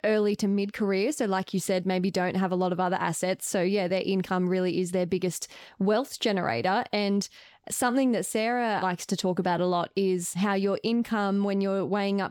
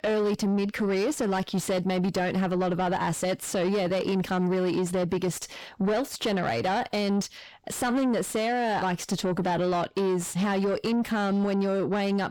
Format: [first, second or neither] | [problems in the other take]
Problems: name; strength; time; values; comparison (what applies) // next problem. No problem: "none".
first | distortion; slight; 10 dB below the speech